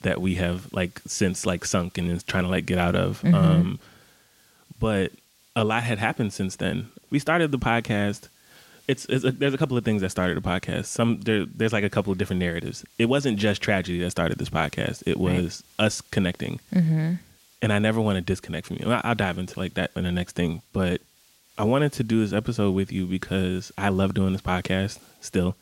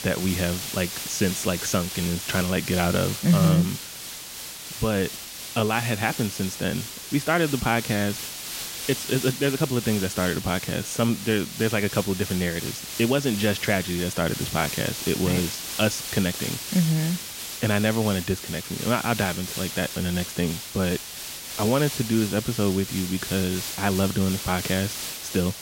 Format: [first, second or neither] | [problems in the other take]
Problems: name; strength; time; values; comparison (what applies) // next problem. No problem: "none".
first | hiss; loud; throughout; 6 dB below the speech; faint in the first